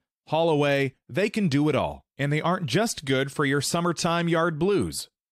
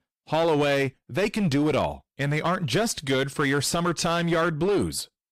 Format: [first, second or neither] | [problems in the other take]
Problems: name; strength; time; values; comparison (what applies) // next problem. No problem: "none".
first | distortion; slight; 10% of the sound clipped